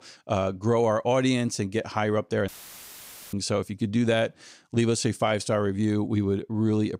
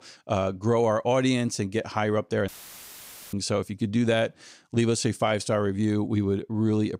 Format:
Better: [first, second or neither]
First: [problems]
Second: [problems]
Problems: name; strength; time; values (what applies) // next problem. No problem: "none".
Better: neither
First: audio cutting out; filled with static; at 2.5 s for 1 s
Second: audio cutting out; filled with static; at 2.5 s for 1 s